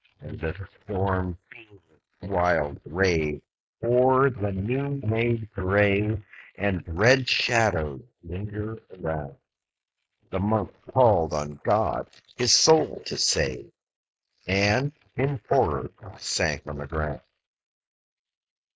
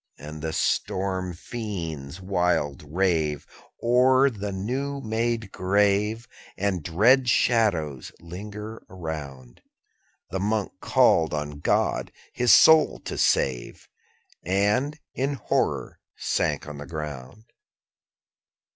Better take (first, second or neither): second